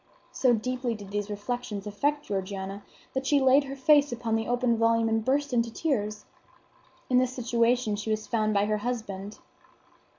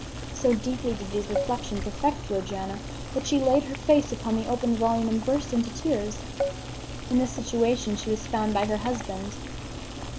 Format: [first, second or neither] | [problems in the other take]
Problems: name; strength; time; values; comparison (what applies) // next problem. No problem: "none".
first | background sound (Keyboard (musical) + Boiling); 7 dB below the speech